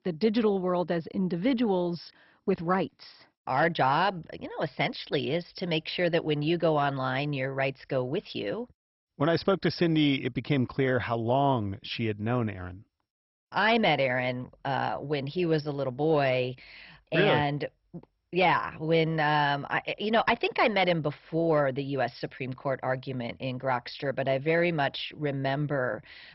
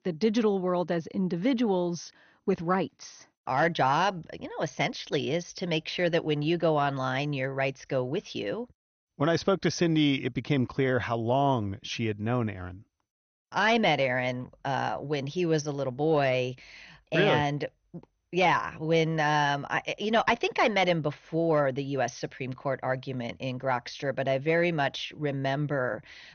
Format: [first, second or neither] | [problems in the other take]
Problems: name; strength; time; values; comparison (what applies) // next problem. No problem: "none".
second | garbled, watery; badly; nothing above 5.5 kHz; slightly in the second